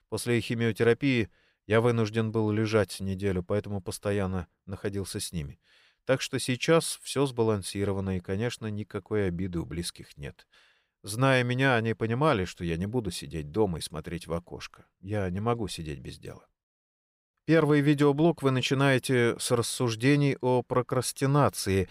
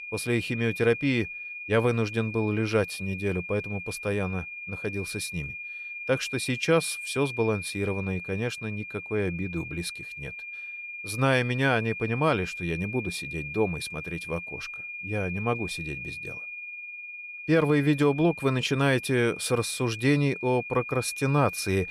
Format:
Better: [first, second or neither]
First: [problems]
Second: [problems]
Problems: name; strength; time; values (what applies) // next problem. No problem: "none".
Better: first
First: none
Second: high-pitched whine; loud; throughout; 2.5 kHz, 8 dB below the speech